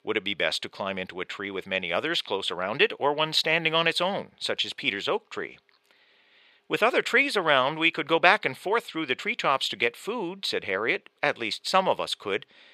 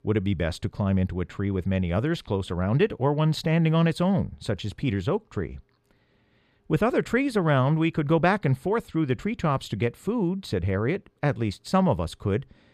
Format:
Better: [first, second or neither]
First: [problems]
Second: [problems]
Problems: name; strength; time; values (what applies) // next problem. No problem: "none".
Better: second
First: thin; very; fading below 500 Hz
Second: none